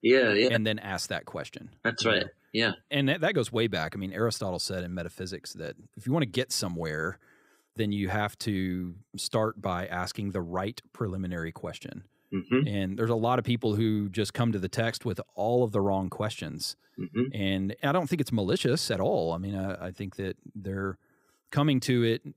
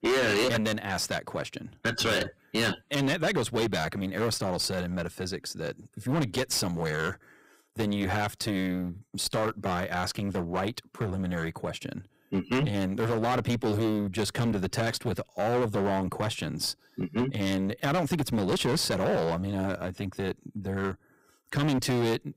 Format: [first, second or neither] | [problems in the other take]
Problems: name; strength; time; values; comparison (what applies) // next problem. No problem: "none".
first | distortion; heavy; 15% of the sound clipped